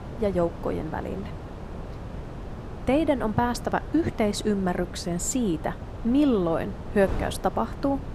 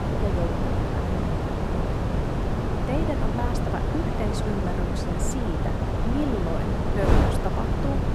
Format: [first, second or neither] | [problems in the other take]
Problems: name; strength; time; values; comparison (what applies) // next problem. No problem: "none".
first | wind noise on the microphone; heavy; 3 dB above the speech; occasional gusts in the first